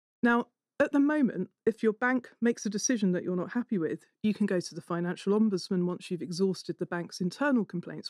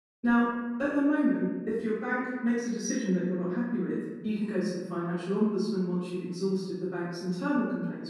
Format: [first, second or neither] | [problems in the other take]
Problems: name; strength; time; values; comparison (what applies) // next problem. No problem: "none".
first | room echo; noticeable; dies away in 1.1 s // off-mic speech; far